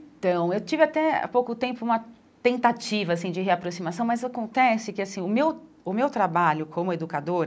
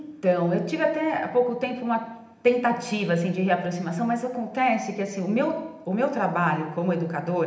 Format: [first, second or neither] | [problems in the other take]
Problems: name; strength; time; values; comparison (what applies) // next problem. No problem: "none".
first | room echo; dies away in 0.8 s